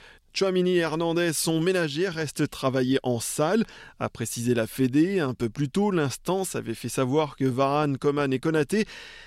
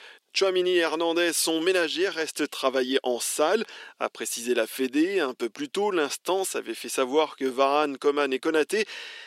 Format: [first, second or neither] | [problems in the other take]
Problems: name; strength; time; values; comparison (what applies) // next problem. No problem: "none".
first | thin; somewhat; fading below 300 Hz